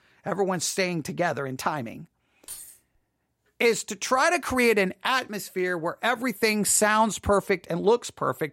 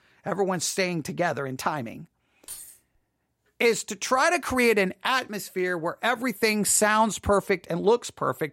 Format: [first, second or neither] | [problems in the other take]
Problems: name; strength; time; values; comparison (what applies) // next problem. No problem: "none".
neither | jangling keys; faint; at 2.5 s; peak 15 dB below the speech; the same in both